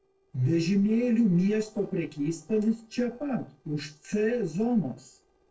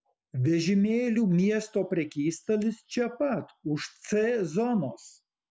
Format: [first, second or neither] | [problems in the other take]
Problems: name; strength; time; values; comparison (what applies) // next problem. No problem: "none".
second | noise reduction (neural separator model SepFormer DNS4)